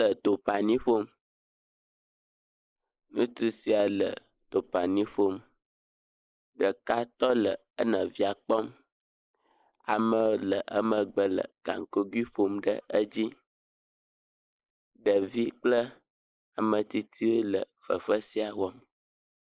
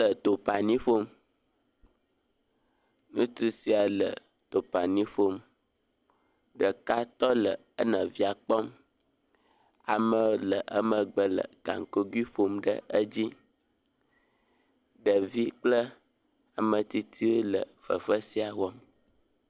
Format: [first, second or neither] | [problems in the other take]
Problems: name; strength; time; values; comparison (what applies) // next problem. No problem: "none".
second | noise reduction (neural mask model Resemble Enhance denoiser)